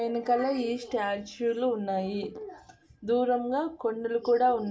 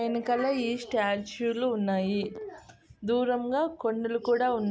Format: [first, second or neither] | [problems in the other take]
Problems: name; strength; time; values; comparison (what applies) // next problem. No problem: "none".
second | room echo; dies away in 0.2 s